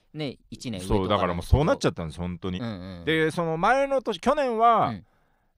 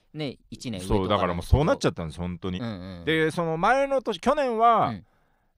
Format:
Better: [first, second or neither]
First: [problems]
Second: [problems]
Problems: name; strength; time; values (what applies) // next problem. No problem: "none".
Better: neither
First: none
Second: none